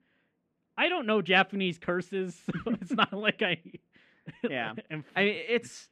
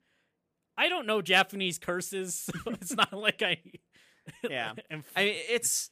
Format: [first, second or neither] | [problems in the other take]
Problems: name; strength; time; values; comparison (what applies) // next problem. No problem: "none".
second | muffled; very; fading above 2.5 kHz